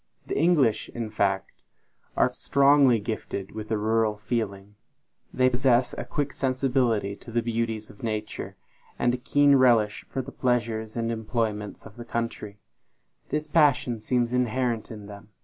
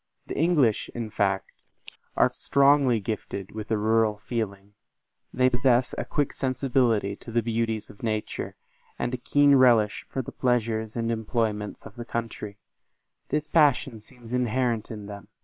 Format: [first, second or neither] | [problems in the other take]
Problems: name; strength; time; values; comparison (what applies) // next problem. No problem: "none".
first | noise reduction (neural separator model SepFormer WHAM!)